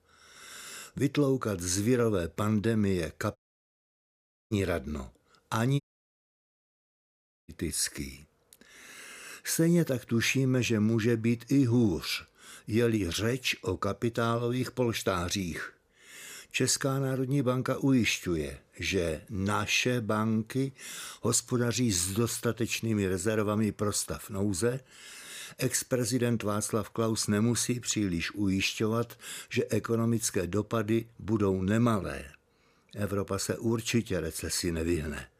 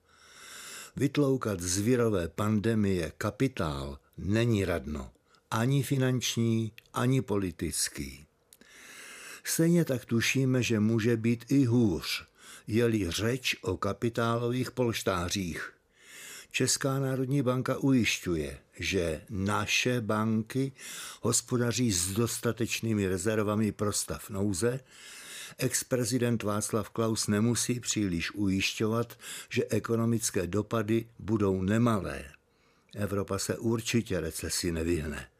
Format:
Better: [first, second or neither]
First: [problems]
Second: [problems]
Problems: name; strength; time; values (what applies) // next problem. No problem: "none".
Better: second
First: audio cutting out; at 3.5 s for 1 s and at 6 s for 1.5 s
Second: none